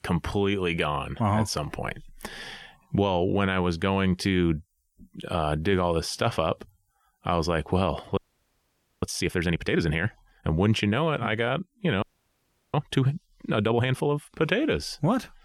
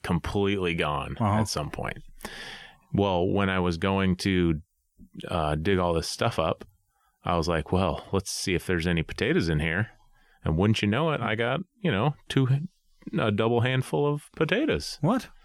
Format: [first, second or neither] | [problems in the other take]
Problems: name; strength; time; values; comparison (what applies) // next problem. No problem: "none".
second | audio freezing; at 8 s for 1 s and at 12 s for 0.5 s